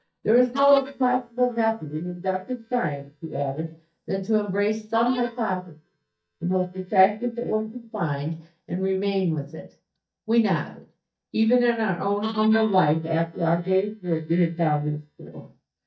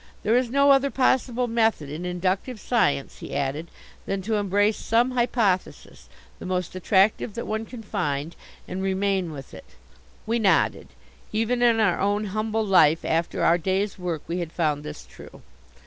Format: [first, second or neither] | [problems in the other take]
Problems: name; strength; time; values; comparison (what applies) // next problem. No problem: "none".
second | noise reduction (neural mask model DeepFilterNet 3)